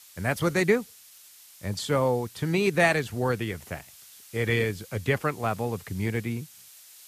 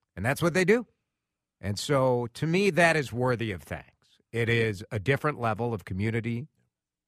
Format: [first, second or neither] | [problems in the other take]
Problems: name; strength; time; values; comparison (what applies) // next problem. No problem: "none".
second | hiss; faint; throughout; 20 dB below the speech